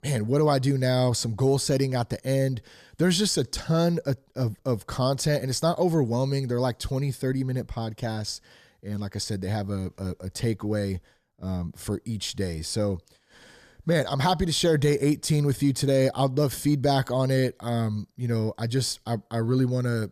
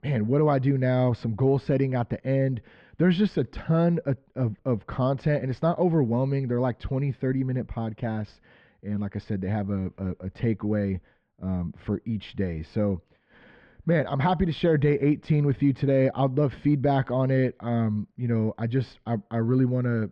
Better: first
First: none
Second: muffled; very; fading above 2.5 kHz

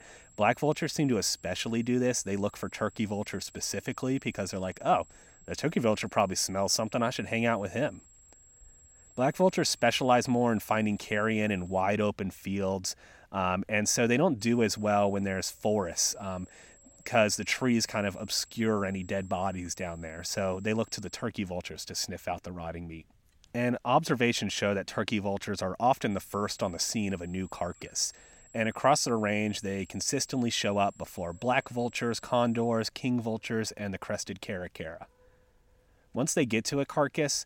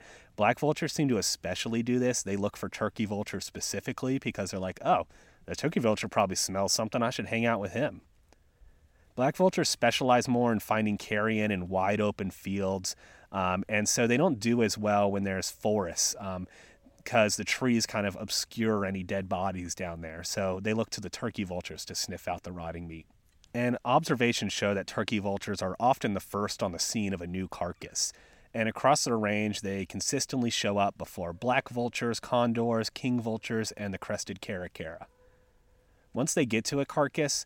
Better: second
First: high-pitched whine; faint; until 12 s, from 14 to 21 s and from 26 to 33 s; 7.5 kHz, 25 dB below the speech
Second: none

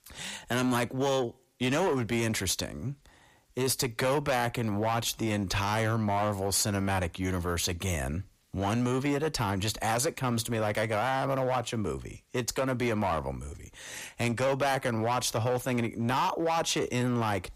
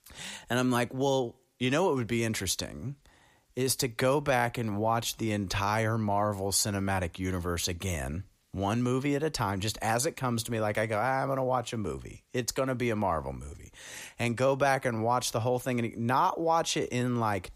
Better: second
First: distortion; slight; 10% of the sound clipped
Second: none

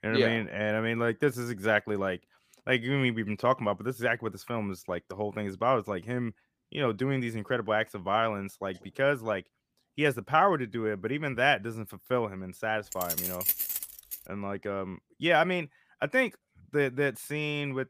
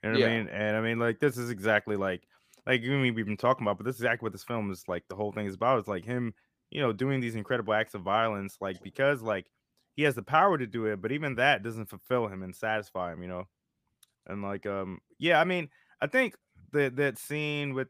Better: second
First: jangling keys; loud; from 13 to 14 s; peak 3 dB above the speech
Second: none

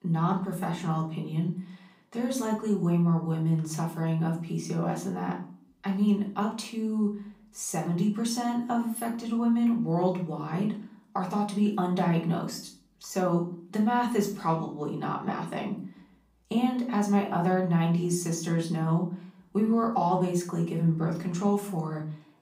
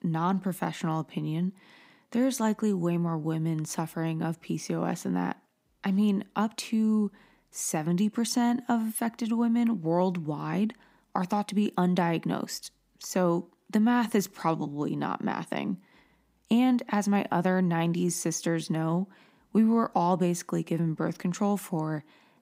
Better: second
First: off-mic speech; far // room echo; slight; dies away in 0.4 s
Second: none

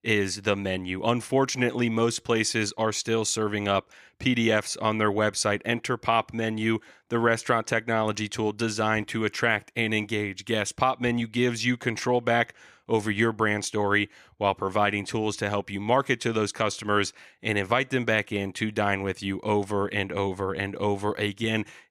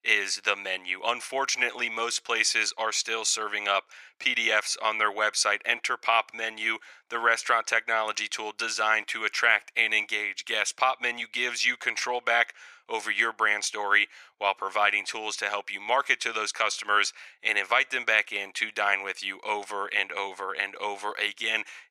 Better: first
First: none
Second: thin; very; fading below 800 Hz

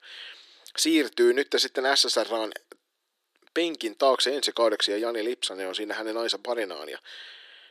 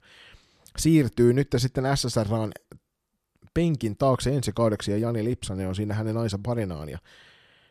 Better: second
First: thin; very; fading below 350 Hz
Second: none

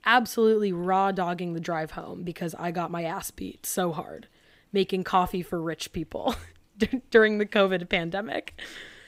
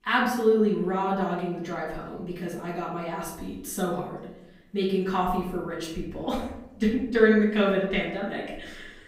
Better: first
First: none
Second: room echo; noticeable; dies away in 0.7 s // off-mic speech; far

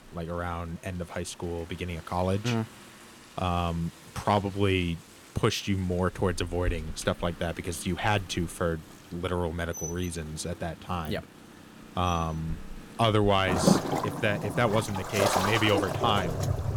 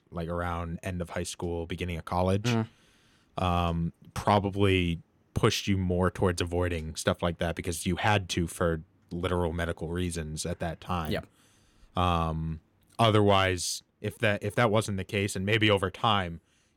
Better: second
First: rain or running water; loud; throughout; 1 dB below the speech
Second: none

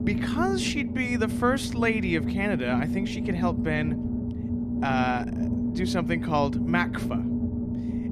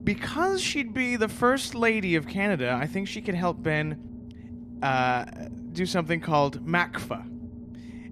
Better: second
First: low rumble; loud; throughout; 7 dB below the speech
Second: low rumble; faint; throughout; 20 dB below the speech

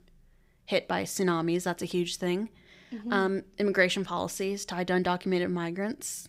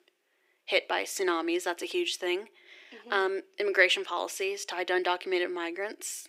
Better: first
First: none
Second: thin; very; fading below 350 Hz

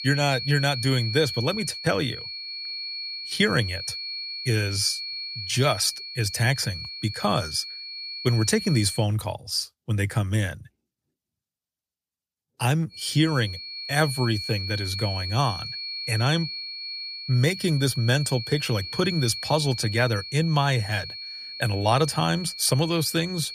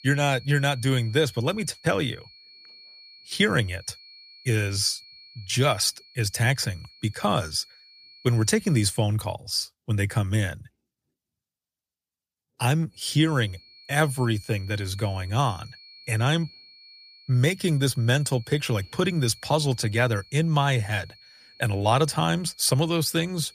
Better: second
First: high-pitched whine; loud; until 9 s and from 13 s on; 4.5 kHz, 7 dB below the speech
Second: high-pitched whine; faint; until 9 s and from 13 s on; 4.5 kHz, 25 dB below the speech

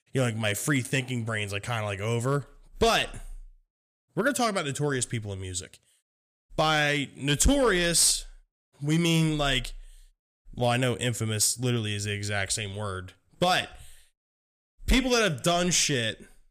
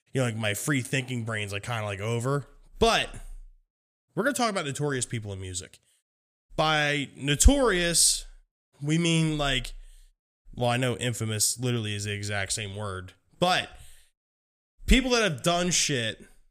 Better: second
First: distortion; slight; 1.5% of the sound clipped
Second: none

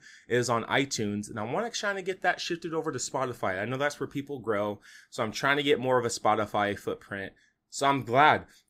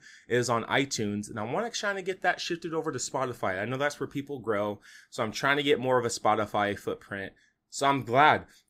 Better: neither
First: none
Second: none

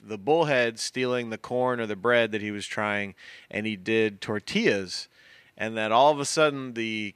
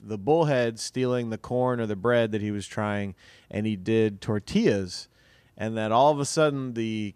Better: second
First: thin; very slightly; fading below 600 Hz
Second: none

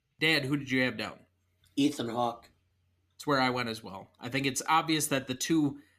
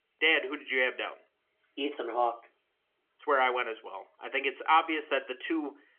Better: first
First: none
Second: phone-call audio; nothing above 3 kHz

